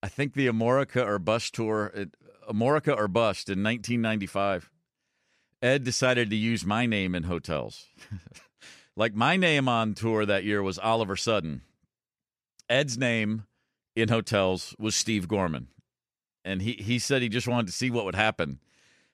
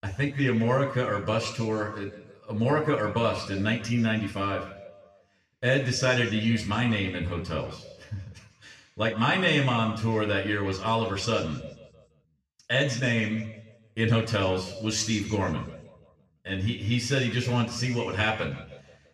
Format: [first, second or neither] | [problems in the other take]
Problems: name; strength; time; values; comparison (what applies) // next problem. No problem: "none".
first | room echo; slight; dies away in 1 s // off-mic speech; far